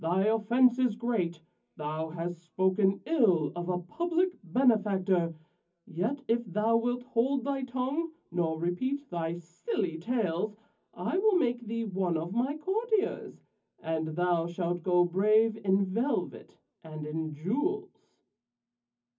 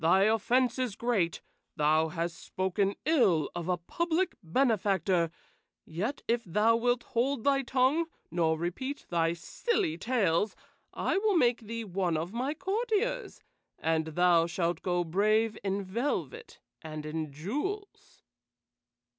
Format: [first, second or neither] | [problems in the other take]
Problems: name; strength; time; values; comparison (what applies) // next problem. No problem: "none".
second | room echo; dies away in 0.3 s